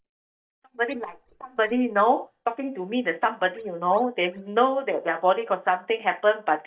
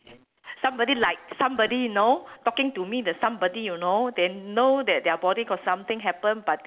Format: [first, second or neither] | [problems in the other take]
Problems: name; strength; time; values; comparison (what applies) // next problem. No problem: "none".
second | noise reduction (neural mask model DeepFilterNet 3)